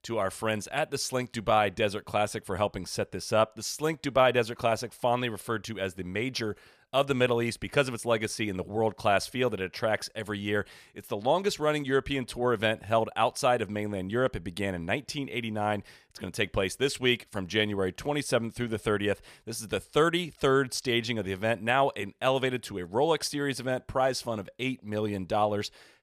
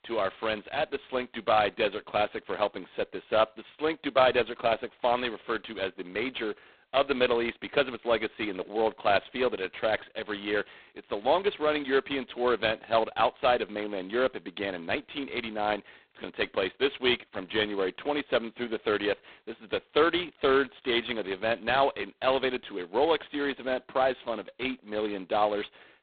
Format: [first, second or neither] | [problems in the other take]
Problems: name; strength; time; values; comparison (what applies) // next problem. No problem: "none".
first | phone-call audio; poor line; nothing above 4 kHz